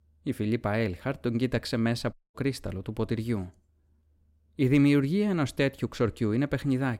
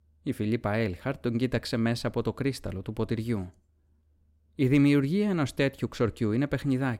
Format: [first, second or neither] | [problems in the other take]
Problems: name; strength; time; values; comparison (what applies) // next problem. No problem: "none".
second | audio cutting out; at 2 s